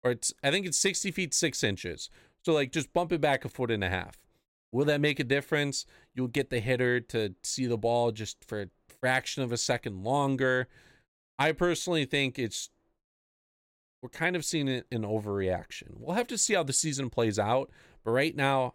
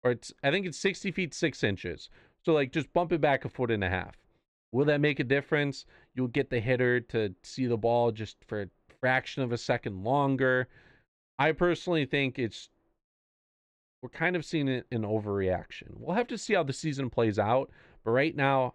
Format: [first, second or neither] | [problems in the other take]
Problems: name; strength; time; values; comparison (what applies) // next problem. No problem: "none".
first | muffled; slightly; fading above 3 kHz